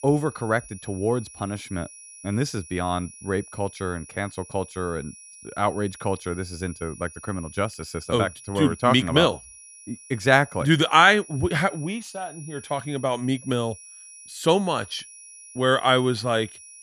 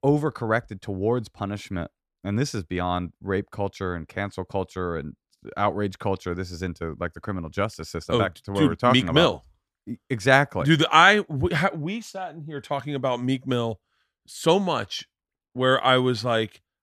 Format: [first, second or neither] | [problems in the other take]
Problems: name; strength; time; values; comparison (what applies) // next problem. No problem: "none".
second | high-pitched whine; noticeable; throughout; 10.5 kHz, 20 dB below the speech